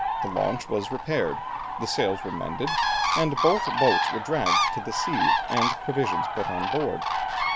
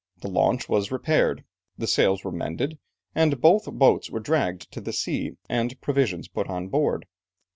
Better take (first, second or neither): second